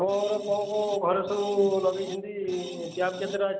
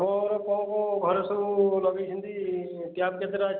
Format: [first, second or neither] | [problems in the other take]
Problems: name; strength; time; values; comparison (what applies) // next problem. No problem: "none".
second | background sound (Screech); 17 dB below the speech